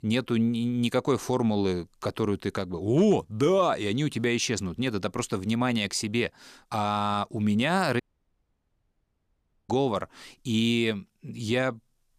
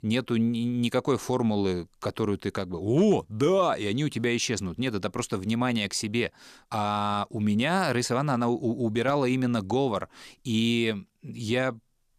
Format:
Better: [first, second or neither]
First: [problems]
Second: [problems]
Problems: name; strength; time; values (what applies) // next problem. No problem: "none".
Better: second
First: audio cutting out; at 8 s for 1.5 s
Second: none